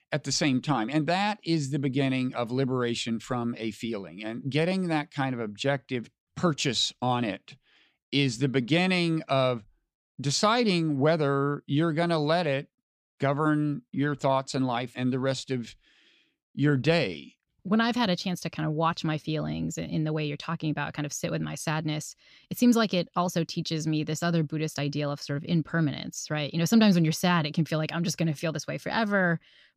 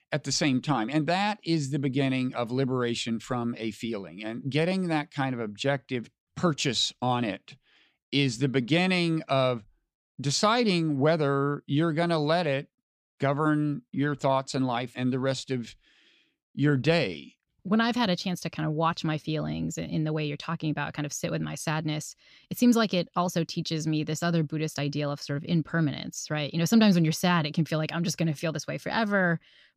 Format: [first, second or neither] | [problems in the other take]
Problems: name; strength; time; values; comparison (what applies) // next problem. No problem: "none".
neither | none